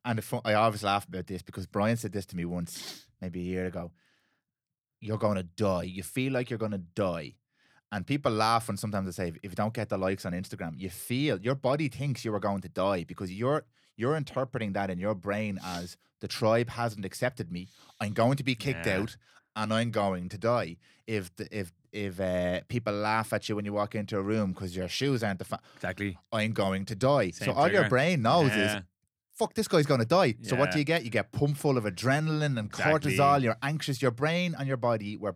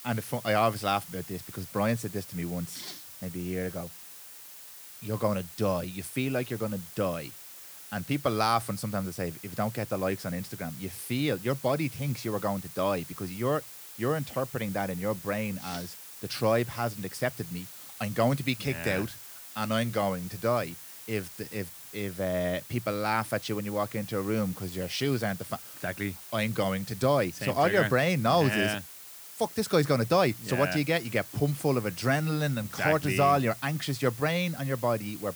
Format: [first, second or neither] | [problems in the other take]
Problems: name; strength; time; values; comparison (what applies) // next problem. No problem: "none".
first | hiss; noticeable; throughout; 15 dB below the speech